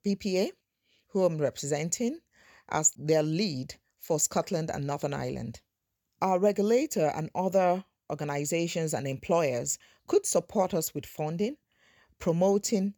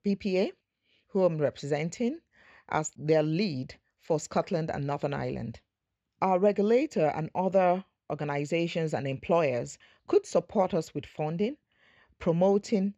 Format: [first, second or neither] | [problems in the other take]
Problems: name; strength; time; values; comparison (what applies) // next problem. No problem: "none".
first | muffled; slightly; fading above 3 kHz